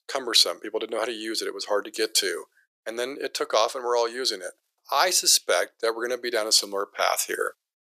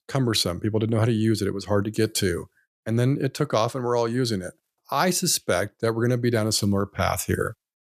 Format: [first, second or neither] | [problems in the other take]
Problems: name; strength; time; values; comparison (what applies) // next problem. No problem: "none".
second | thin; very; fading below 450 Hz